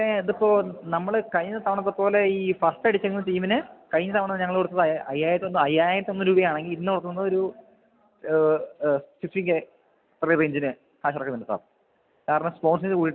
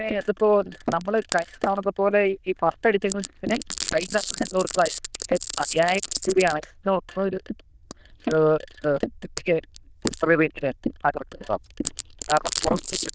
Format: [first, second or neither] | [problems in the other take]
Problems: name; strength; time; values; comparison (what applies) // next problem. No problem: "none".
first | noise reduction (neural diffusion model UNIVERSE++)